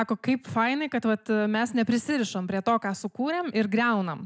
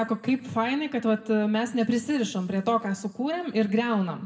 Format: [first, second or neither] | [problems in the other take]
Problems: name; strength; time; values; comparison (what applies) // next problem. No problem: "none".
first | room echo; dies away in 0.7 s